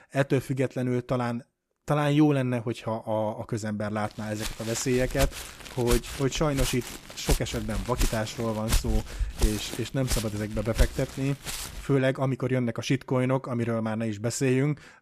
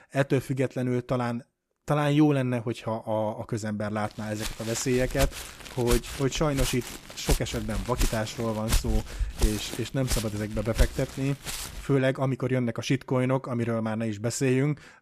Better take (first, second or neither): neither